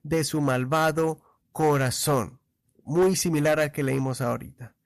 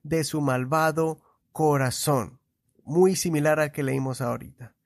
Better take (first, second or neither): second